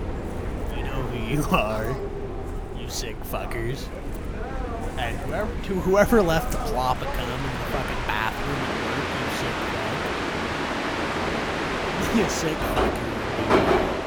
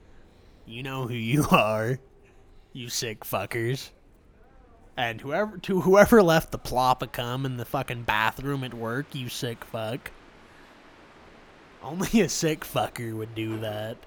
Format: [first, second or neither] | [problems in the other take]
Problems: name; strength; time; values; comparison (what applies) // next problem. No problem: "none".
second | train or aircraft noise; loud; throughout; as loud as the speech; faint in the second